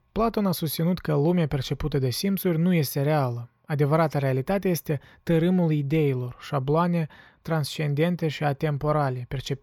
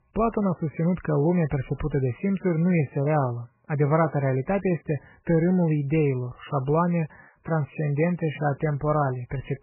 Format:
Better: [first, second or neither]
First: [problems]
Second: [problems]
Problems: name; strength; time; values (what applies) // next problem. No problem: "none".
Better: first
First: none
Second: garbled, watery; badly; nothing above 3 kHz